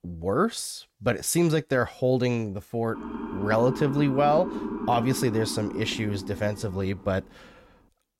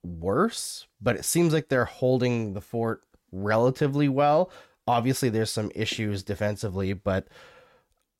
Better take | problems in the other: second | siren; noticeable; from 3 to 7 s; peak 6 dB below the speech

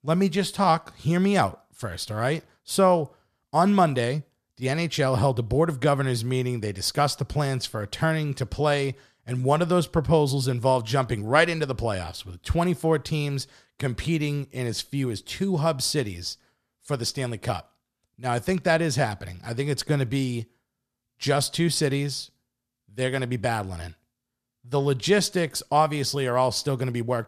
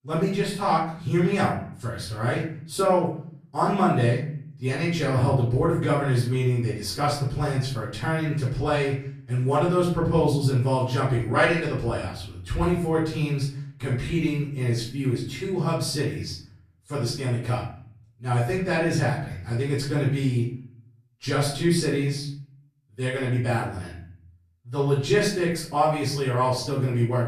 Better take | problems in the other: first | off-mic speech; far // room echo; noticeable; dies away in 0.5 s

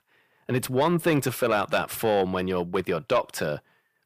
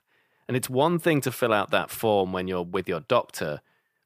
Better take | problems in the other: second | distortion; slight; 10 dB below the speech

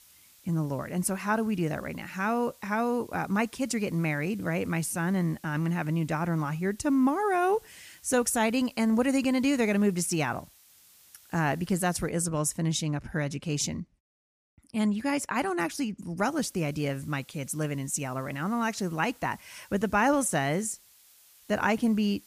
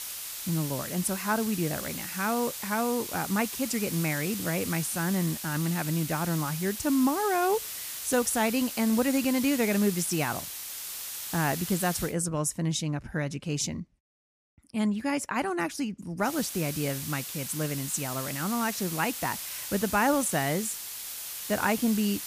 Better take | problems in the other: first | hiss; loud; until 12 s and from 16 s on; 6 dB below the speech; faint in the first

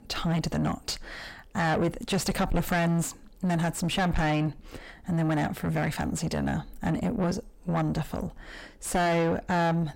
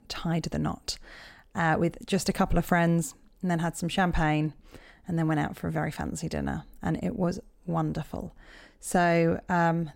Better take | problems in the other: second | distortion; heavy; 5 dB below the speech

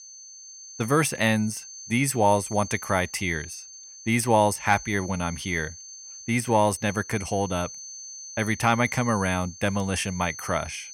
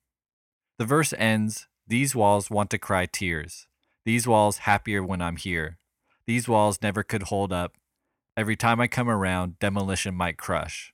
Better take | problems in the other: second | high-pitched whine; noticeable; throughout; 6 kHz, 15 dB below the speech

